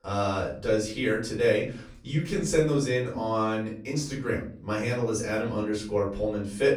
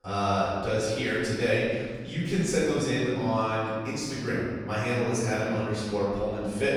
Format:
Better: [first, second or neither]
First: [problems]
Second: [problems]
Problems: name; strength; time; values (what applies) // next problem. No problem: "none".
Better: first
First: room echo; slight; dies away in 0.5 s // off-mic speech; far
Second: room echo; strong; dies away in 1.5 s // off-mic speech; far